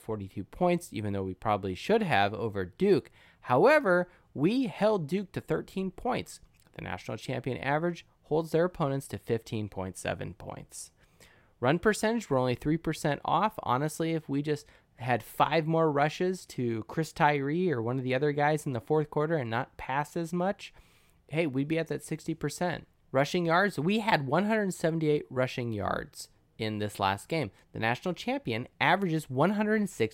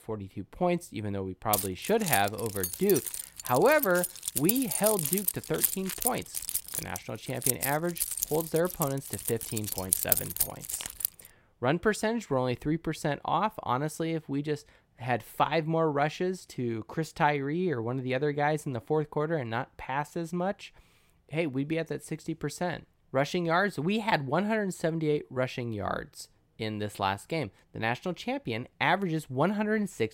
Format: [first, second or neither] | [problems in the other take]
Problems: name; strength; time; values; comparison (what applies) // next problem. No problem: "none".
first | jangling keys; loud; from 1.5 to 11 s; peak 6 dB above the speech